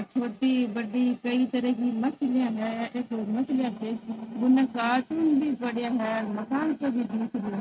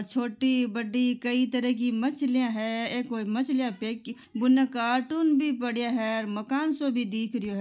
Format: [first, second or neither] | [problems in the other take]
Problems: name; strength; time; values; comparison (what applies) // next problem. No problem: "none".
second | noise reduction (neural mask model RNNoise)